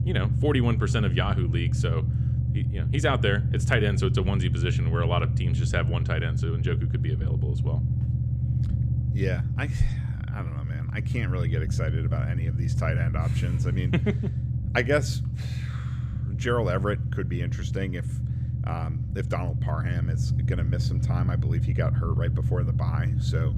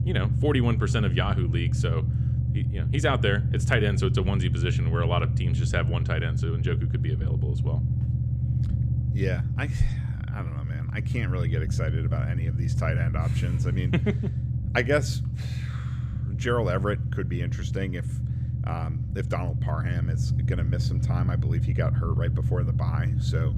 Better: neither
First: low rumble; loud; throughout; 7 dB below the speech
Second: low rumble; loud; throughout; 7 dB below the speech

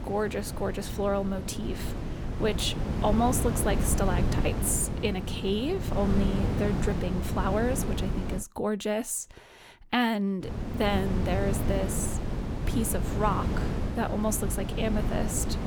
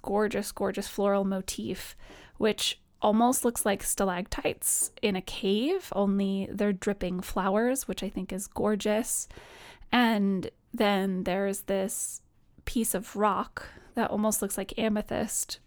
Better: second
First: wind noise on the microphone; heavy; until 8.5 s and from 10 s on; 7 dB below the speech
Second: none

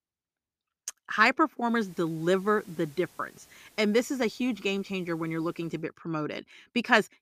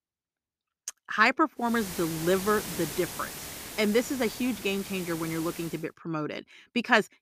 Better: first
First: hiss; faint; from 1.5 to 6 s; 30 dB below the speech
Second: hiss; loud; from 1.5 to 6 s; 9 dB below the speech

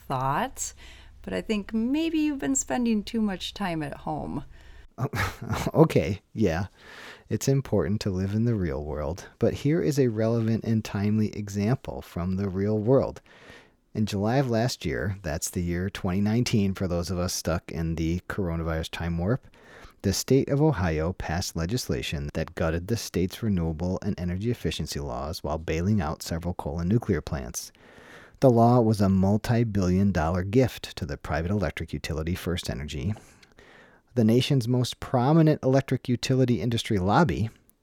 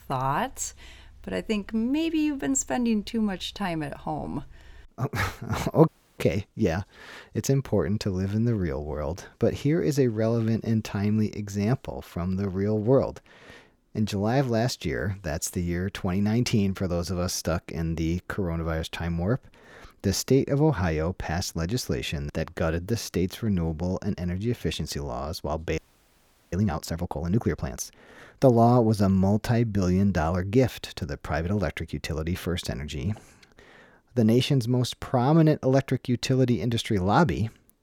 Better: first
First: none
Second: audio freezing; at 6 s and at 26 s for 0.5 s

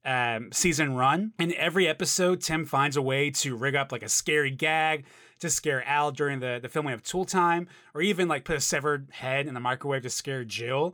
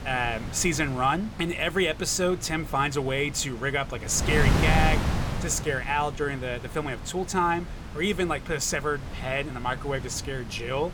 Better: first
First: none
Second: wind noise on the microphone; occasional gusts; 10 dB below the speech

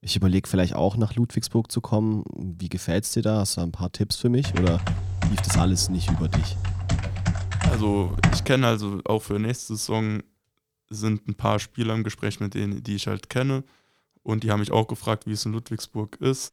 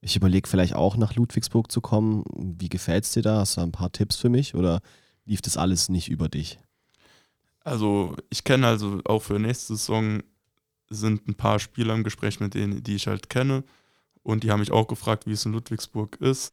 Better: second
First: keyboard typing; loud; from 4.5 to 8.5 s; peak 3 dB above the speech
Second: none

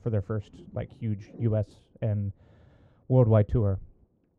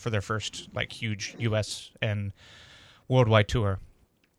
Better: second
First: muffled; very; fading above 1.5 kHz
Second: none

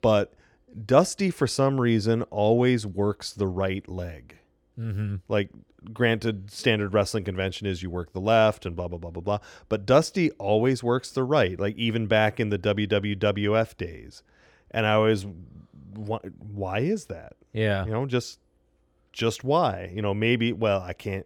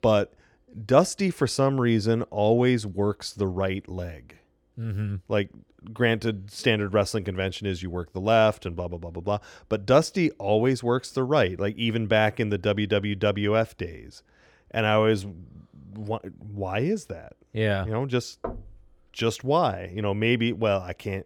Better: first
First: none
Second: door banging; faint; at 18 s; peak 10 dB below the speech

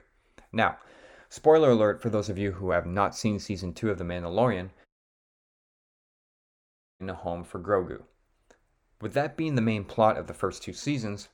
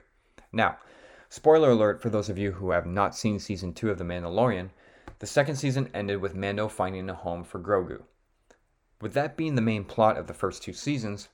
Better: second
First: audio cutting out; at 5 s for 2 s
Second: none

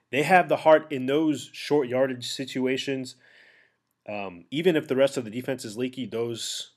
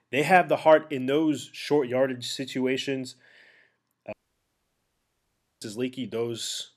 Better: first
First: none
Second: audio cutting out; at 4 s for 1.5 s

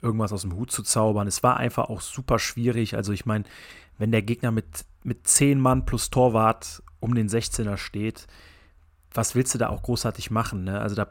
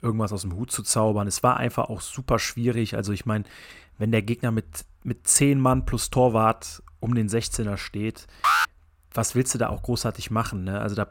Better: first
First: none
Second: alarm; loud; at 8.5 s; peak 4 dB above the speech

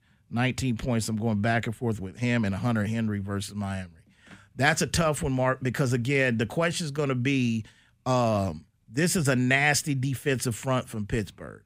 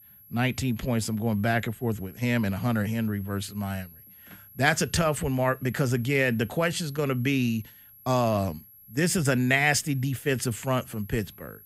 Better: first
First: none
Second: high-pitched whine; faint; throughout; 11.5 kHz, 20 dB below the speech

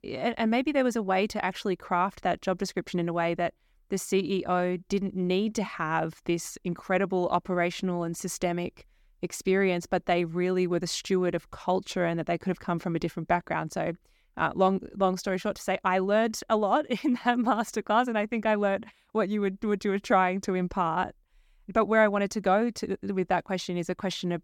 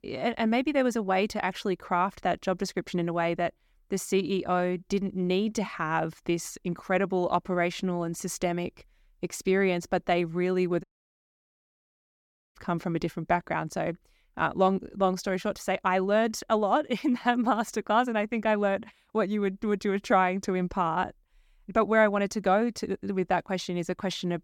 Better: first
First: none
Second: audio cutting out; at 11 s for 1.5 s

